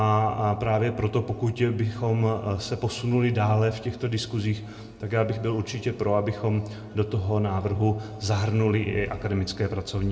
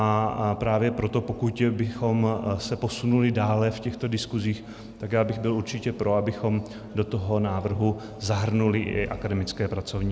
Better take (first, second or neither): second